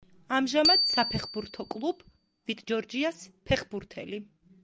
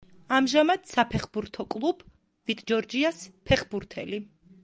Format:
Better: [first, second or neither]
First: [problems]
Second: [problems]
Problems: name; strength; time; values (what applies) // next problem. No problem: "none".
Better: second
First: background sound (Bicycle bell); 1 dB below the speech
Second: none